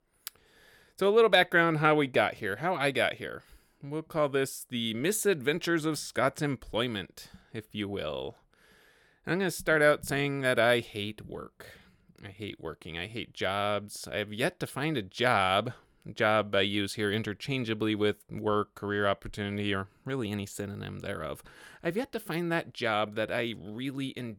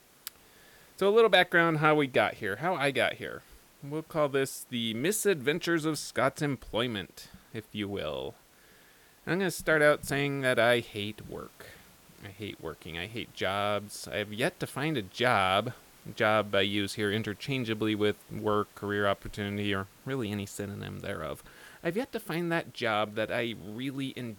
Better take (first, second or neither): first